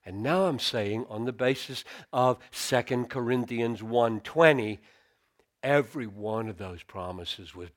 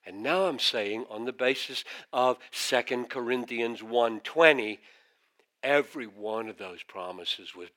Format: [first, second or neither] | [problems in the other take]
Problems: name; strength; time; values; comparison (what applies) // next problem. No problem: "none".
first | thin; very slightly; fading below 350 Hz